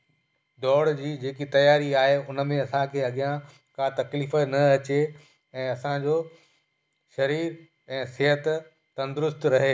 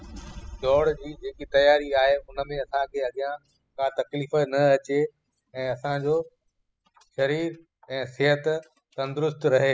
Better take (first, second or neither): first